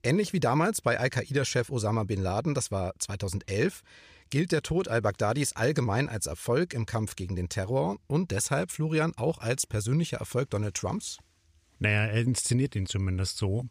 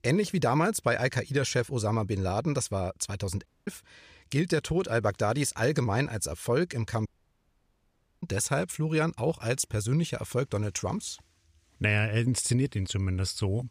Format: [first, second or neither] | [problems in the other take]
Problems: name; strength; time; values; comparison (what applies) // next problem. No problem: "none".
first | audio cutting out; at 3.5 s and at 7 s for 1 s